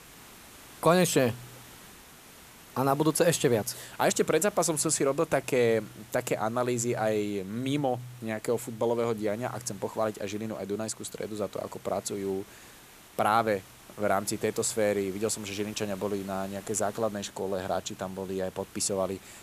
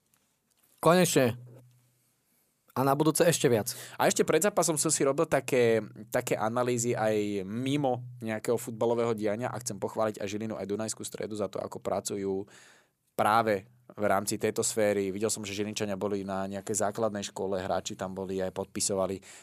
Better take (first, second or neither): second